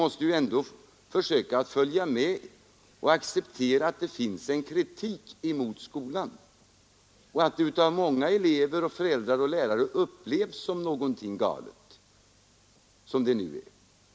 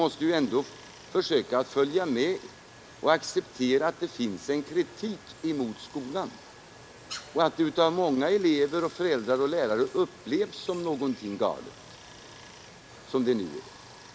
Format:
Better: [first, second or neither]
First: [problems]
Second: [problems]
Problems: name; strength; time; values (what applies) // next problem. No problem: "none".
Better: first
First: none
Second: background sound (Stream); 20 dB below the speech